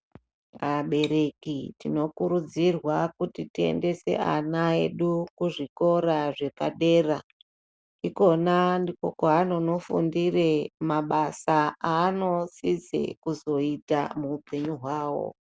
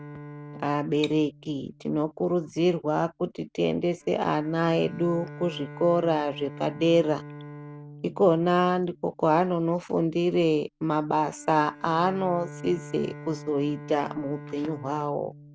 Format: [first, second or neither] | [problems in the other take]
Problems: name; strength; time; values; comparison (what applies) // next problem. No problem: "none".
first | background sound (Bowed string instrument); 17 dB below the speech